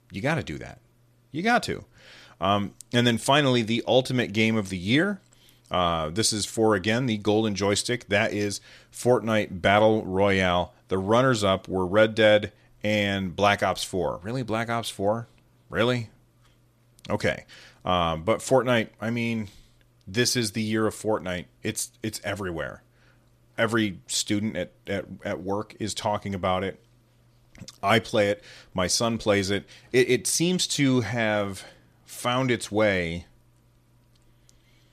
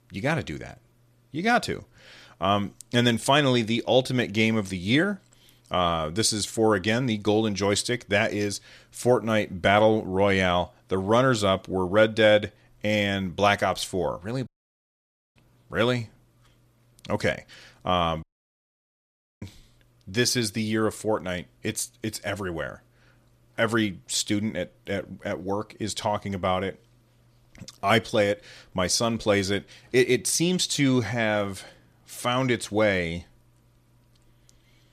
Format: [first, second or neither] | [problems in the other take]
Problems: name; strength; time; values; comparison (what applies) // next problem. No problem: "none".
first | audio cutting out; at 14 s for 1 s and at 18 s for 1 s